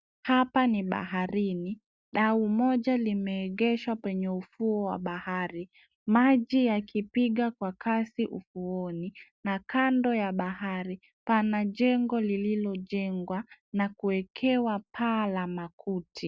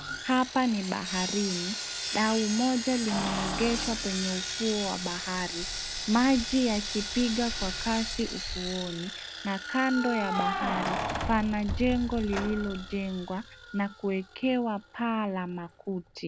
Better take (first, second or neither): first